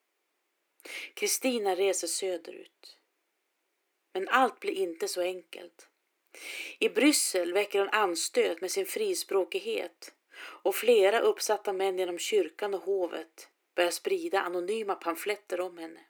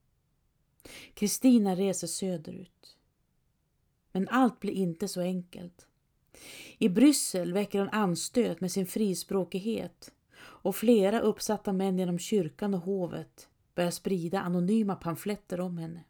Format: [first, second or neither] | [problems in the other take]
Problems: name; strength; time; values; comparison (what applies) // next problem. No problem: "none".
second | thin; very; fading below 350 Hz